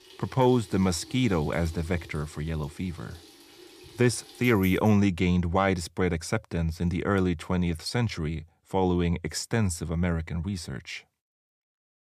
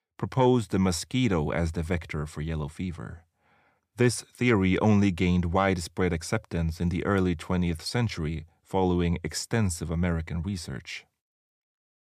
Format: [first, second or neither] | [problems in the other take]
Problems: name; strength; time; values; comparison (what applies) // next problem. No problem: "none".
second | household noises; faint; until 5.5 s; 20 dB below the speech